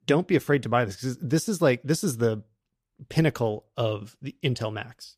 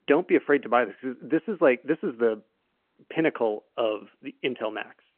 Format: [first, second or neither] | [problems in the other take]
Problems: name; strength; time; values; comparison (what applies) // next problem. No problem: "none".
first | phone-call audio